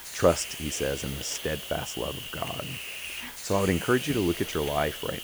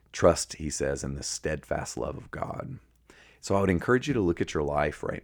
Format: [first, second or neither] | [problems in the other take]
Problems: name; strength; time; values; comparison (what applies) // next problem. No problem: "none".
second | hiss; loud; throughout; 6 dB below the speech